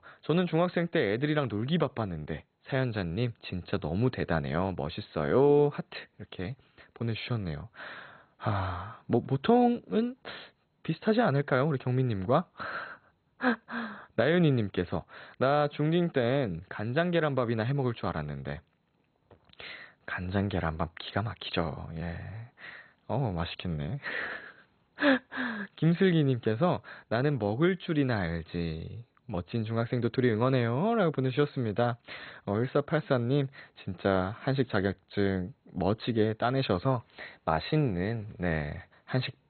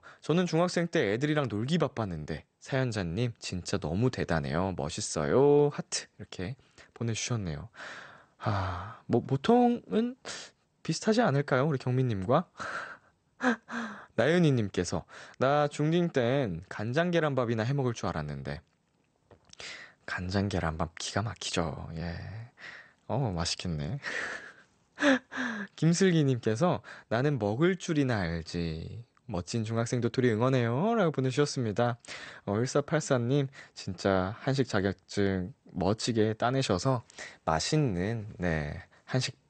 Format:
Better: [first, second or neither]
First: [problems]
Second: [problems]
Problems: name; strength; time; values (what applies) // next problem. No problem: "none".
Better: second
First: garbled, watery; badly; nothing above 4 kHz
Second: garbled, watery; slightly; nothing above 8.5 kHz